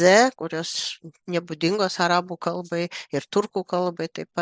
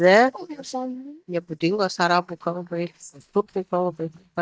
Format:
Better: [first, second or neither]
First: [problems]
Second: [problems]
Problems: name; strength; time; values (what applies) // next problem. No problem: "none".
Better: first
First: none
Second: noise reduction (neural mask model DeepFilterNet 3)